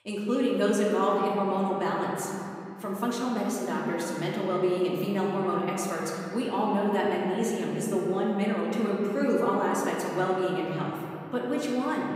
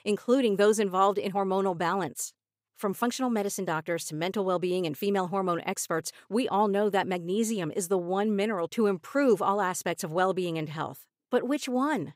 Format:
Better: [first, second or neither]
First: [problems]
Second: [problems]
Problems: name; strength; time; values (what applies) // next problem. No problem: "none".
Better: second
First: off-mic speech; far // room echo; noticeable; dies away in 2.5 s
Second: none